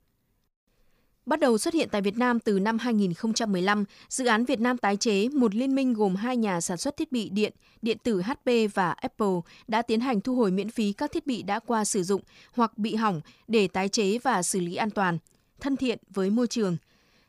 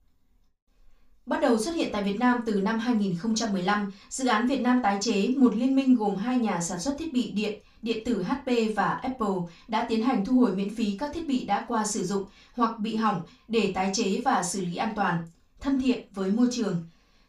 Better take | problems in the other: first | room echo; very slight; dies away in 0.2 s // off-mic speech; far

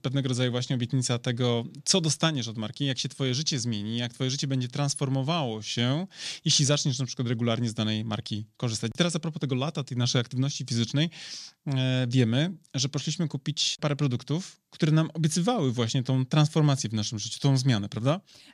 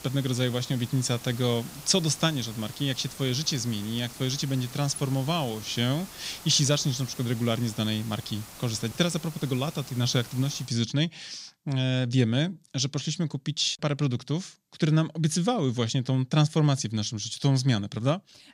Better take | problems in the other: first | hiss; noticeable; until 11 s; 15 dB below the speech

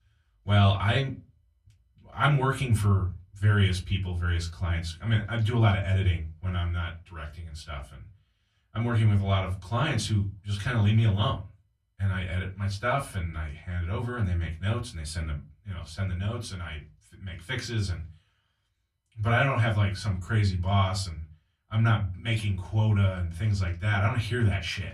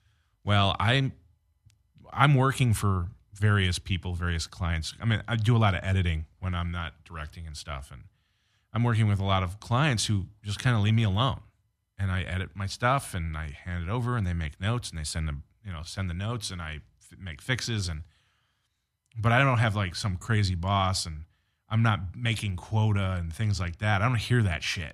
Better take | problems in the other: second | off-mic speech; far // room echo; very slight; dies away in 0.2 s

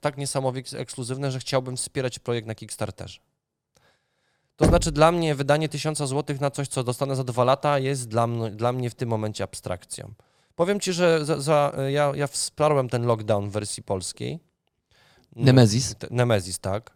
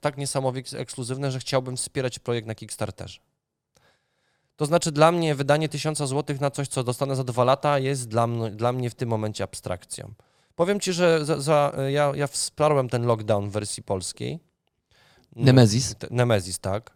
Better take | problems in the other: second | door banging; loud; at 4.5 s; peak 2 dB above the speech

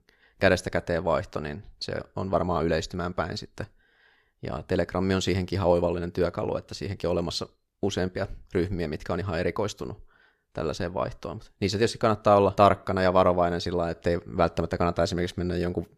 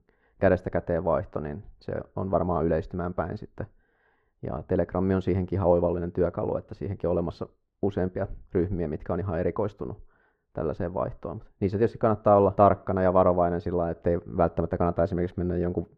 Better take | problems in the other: first | muffled; very; fading above 2.5 kHz

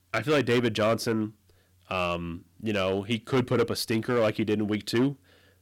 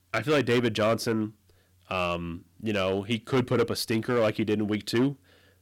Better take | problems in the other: neither | distortion; slight; 6% of the sound clipped; the same in both

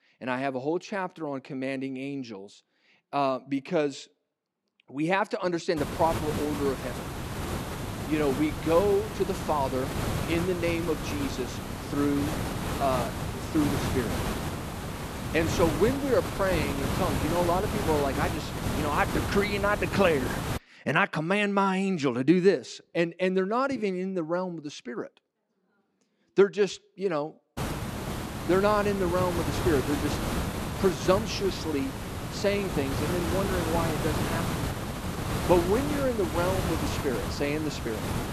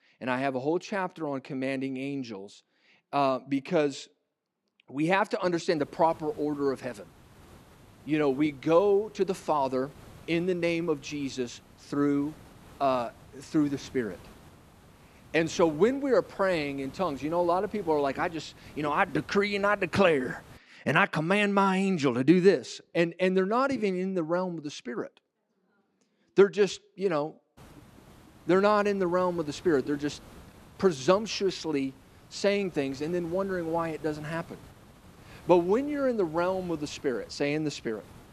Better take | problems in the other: second | hiss; loud; from 6 to 21 s and from 28 s on; 4 dB below the speech; faint in the second

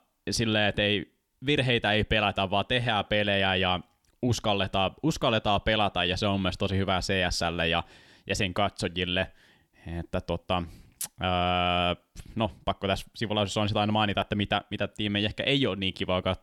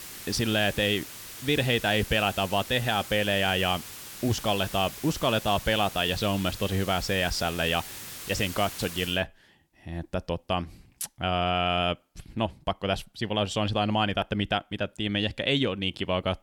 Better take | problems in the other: first | hiss; noticeable; until 9 s; 10 dB below the speech

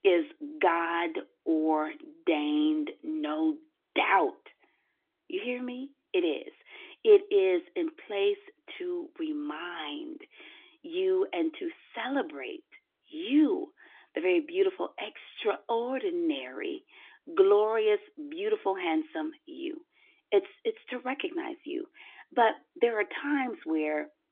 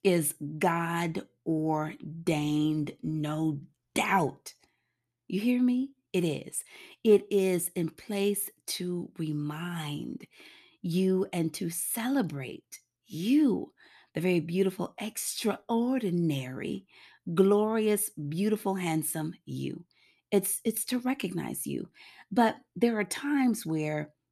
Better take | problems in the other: second | phone-call audio; nothing above 3.5 kHz

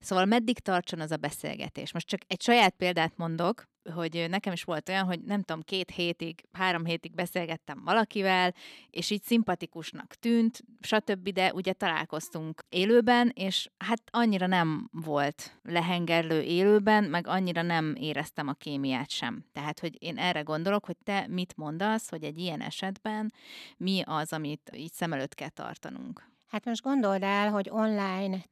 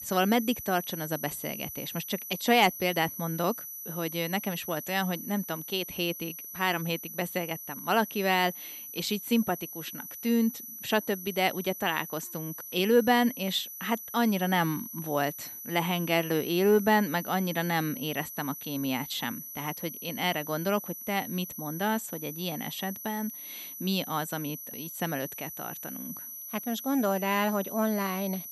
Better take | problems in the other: first | high-pitched whine; loud; throughout; 12 kHz, 9 dB below the speech

